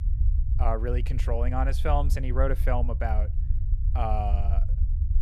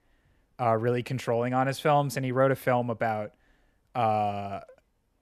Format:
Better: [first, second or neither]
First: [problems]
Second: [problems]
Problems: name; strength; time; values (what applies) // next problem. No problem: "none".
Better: second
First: low rumble; noticeable; throughout; 15 dB below the speech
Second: none